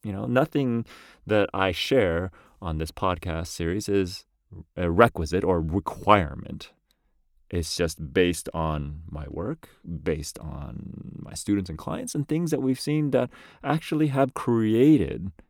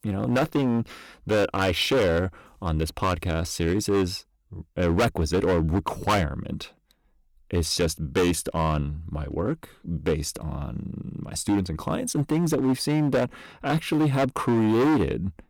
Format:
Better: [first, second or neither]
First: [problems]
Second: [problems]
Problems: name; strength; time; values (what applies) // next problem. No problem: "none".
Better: first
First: none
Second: distortion; heavy; 10% of the sound clipped